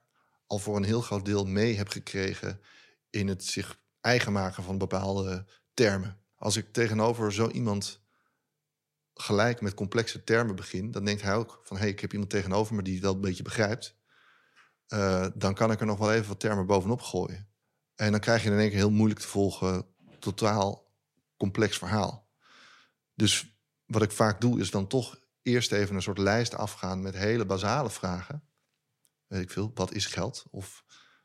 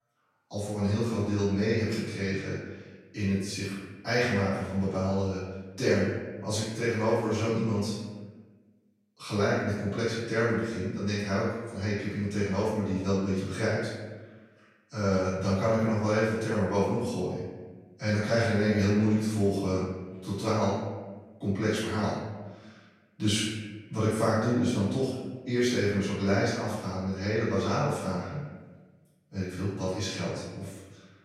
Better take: first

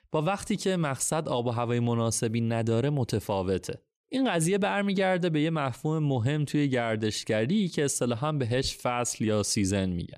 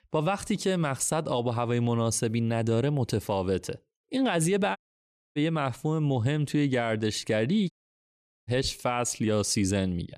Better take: first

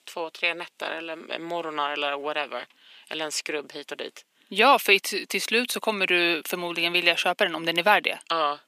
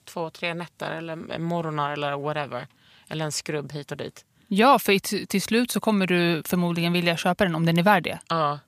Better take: second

